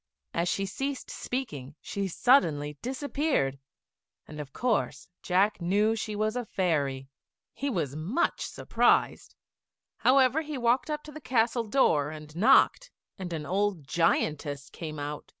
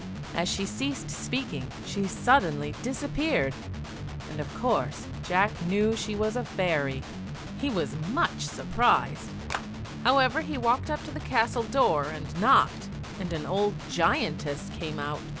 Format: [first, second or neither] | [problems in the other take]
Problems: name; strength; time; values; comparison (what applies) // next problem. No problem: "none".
first | background sound (Clapping + Guitar); 8 dB below the speech